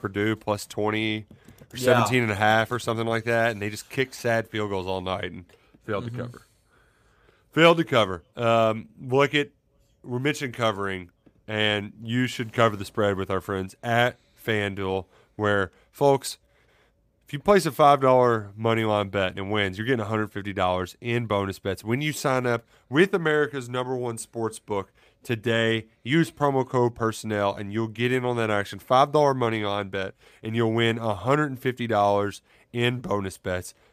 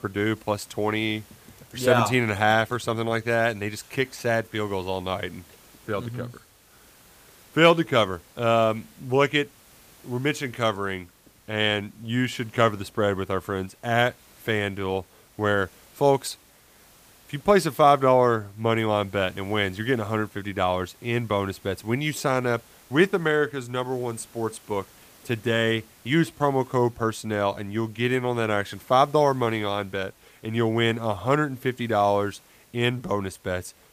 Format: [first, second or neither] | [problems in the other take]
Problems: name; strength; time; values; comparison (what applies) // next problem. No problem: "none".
first | hiss; faint; throughout; 30 dB below the speech